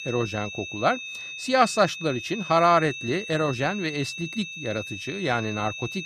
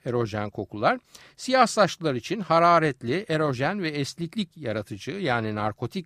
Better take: second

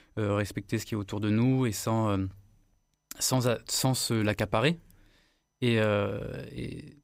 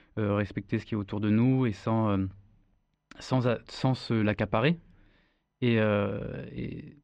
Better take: first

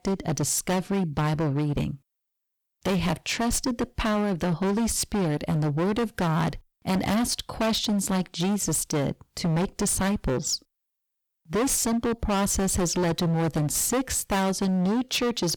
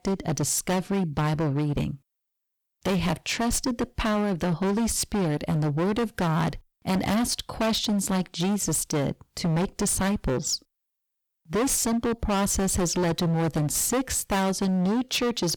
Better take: neither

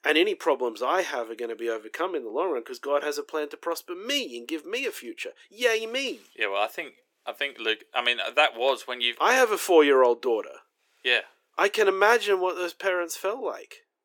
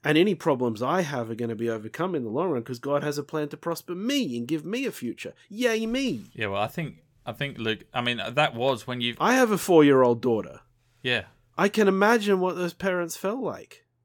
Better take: second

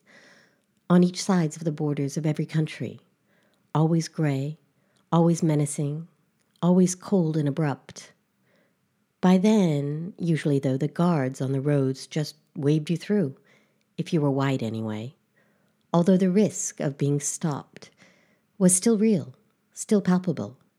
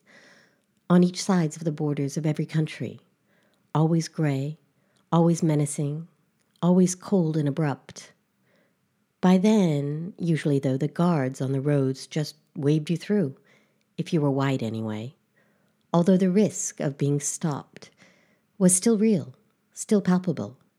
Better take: neither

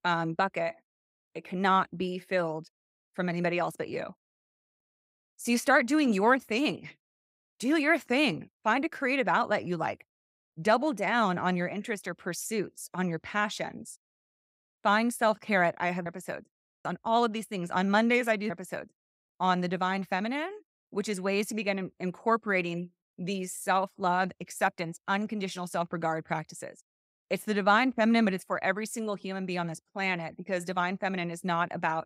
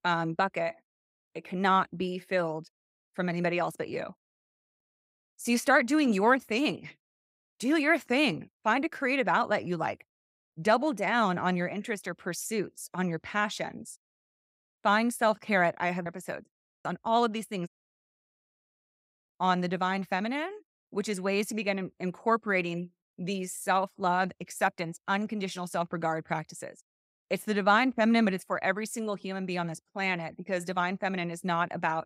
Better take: first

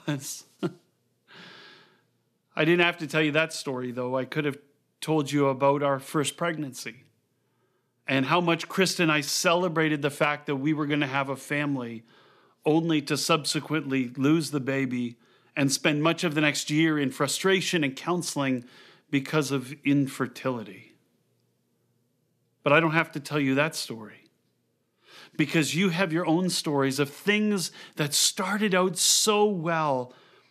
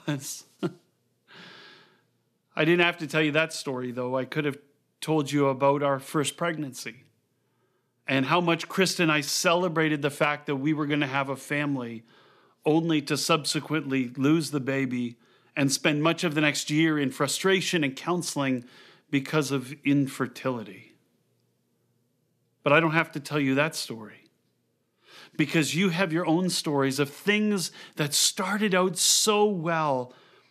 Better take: neither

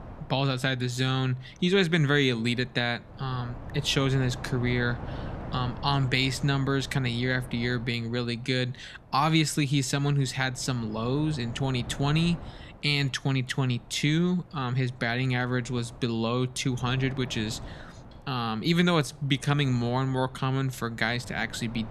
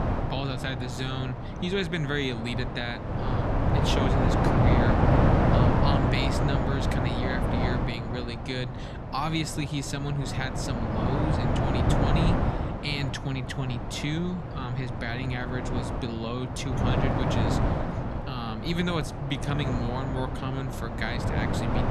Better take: first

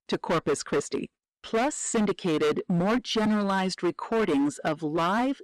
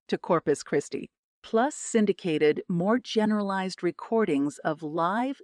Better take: second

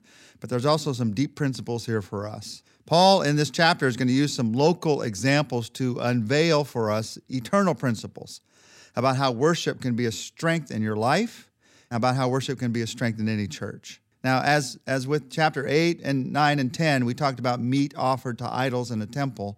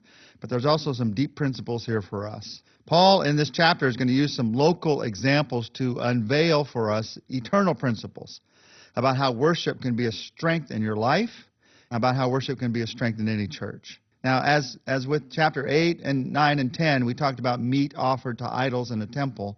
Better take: first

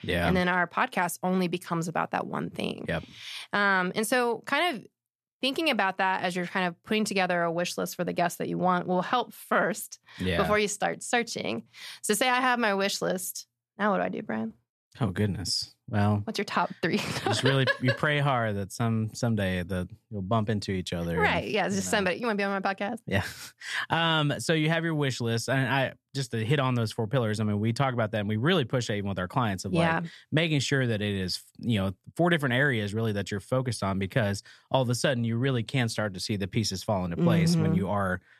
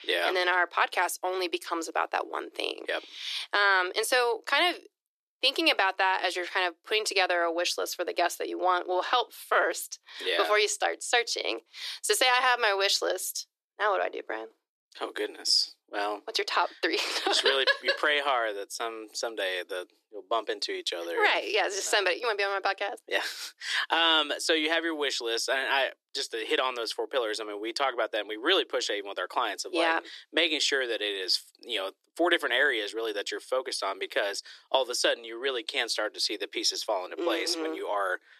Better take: first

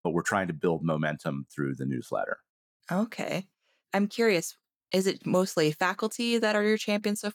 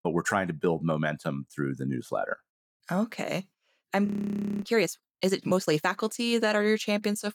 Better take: first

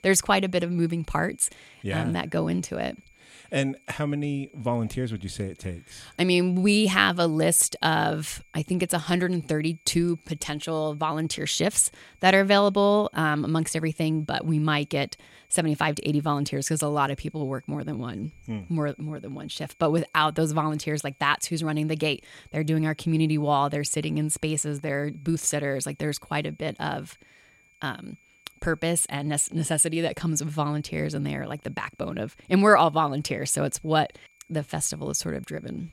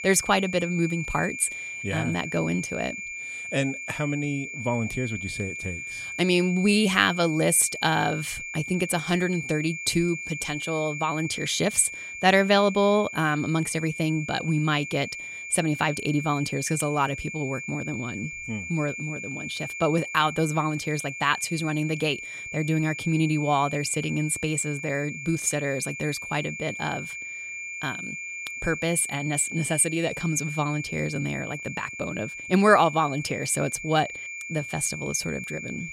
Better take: first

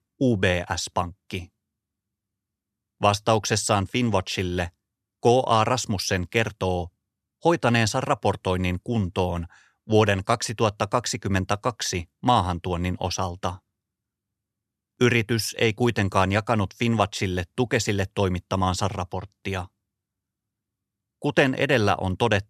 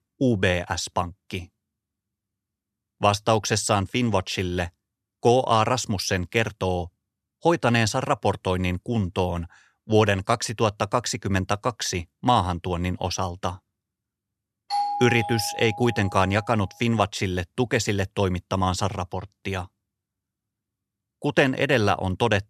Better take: first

